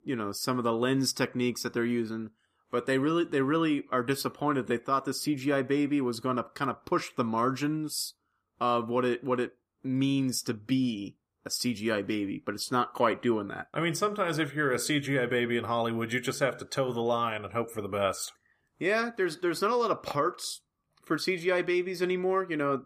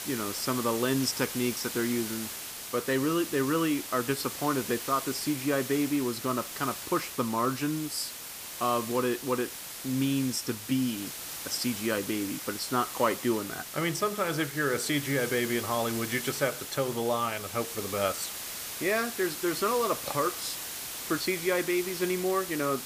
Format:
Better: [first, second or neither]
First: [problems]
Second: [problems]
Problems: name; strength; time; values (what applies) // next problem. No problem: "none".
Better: first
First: none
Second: hiss; loud; throughout; 6 dB below the speech